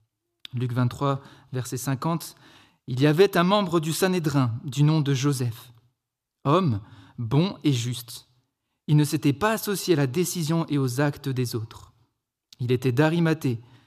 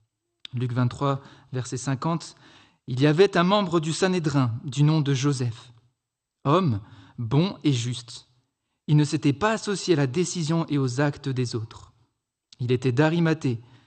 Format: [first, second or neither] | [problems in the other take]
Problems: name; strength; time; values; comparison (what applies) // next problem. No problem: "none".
first | garbled, watery; slightly; nothing above 8.5 kHz